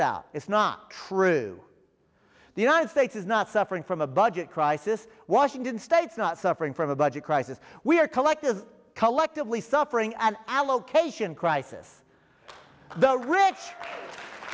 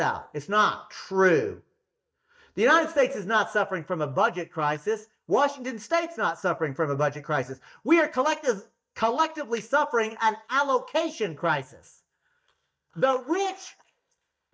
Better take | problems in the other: first | noise reduction (neural mask model DeepFilterNet 3)

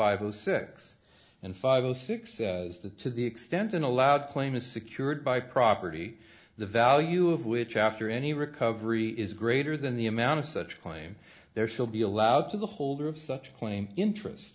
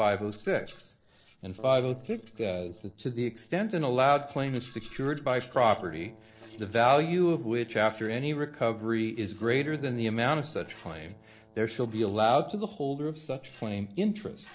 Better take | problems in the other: first | noise reduction (neural separator model SepFormer DNS4)

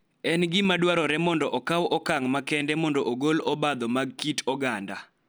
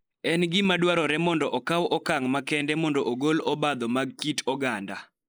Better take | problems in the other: first | noise reduction (neural mask model Resemble Enhance denoiser)

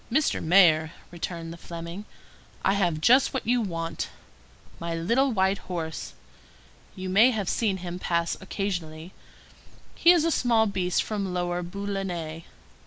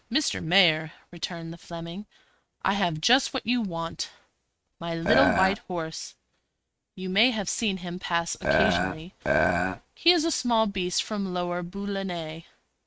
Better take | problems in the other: first | noise reduction (neural mask model RNNoise)

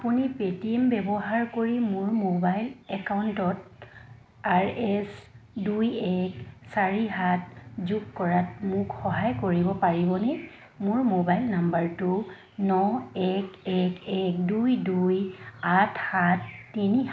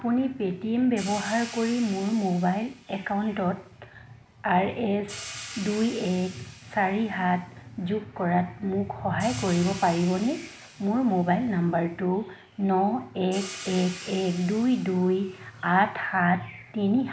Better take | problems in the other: first | background sound (Hi-hat); 18 dB below the speech

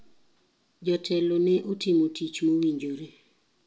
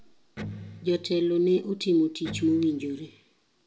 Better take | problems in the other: first | background sound (Electric guitar); 13 dB below the speech

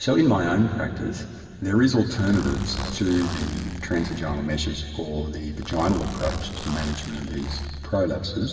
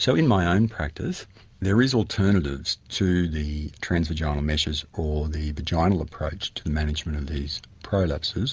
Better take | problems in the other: second | background sound (Zipper (clothing)); 10 dB below the speech // room echo; dies away in 2.4 s

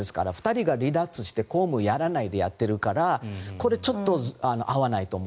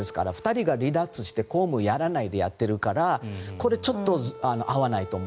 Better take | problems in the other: first | background sound (Wind instrument, woodwind instrument); 19 dB below the speech

